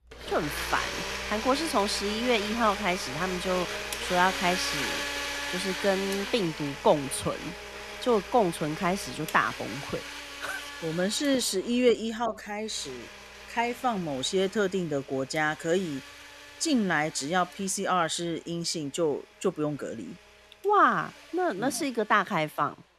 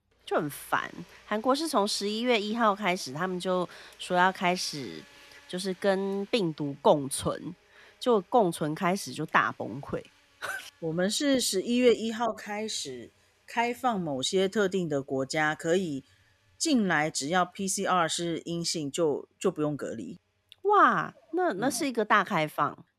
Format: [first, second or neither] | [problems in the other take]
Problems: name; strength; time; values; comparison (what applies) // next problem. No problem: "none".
second | household noises; loud; throughout; 7 dB below the speech; faint in the second